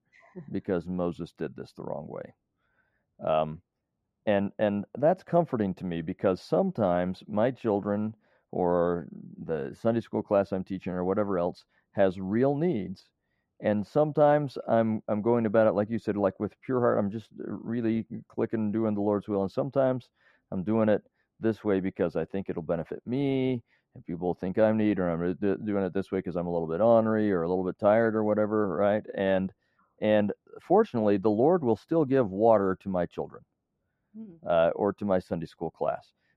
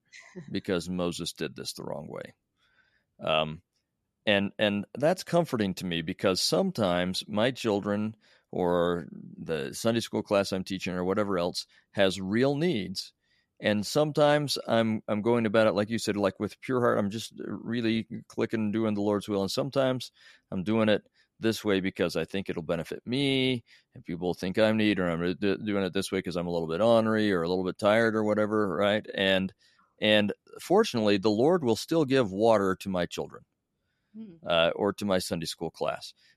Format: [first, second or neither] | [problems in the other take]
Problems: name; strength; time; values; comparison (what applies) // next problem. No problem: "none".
second | muffled; very; fading above 2.5 kHz